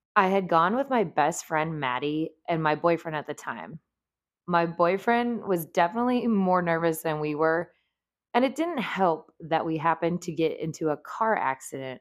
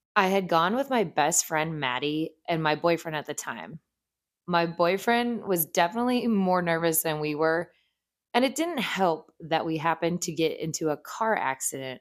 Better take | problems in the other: second | muffled; slightly; fading above 3 kHz

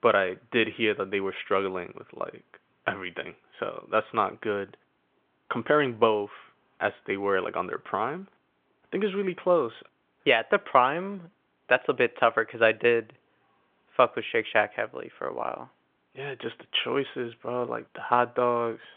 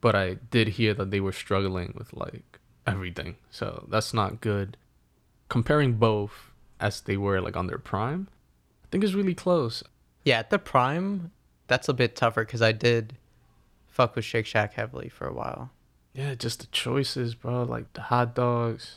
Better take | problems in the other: second | phone-call audio; nothing above 3.5 kHz

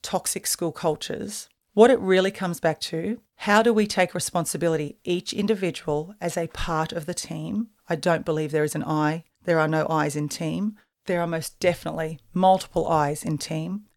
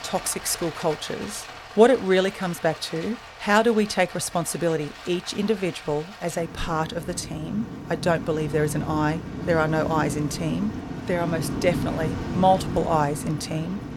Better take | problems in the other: first | rain or running water; loud; throughout; 9 dB below the speech

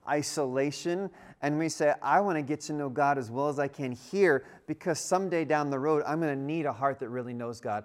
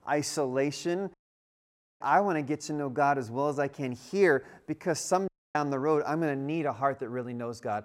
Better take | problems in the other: first | audio cutting out; at 1 s for 1 s and at 5.5 s

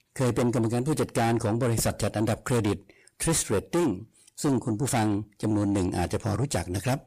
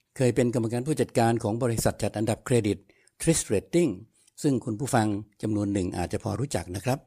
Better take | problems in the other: second | distortion; heavy; 7 dB below the speech

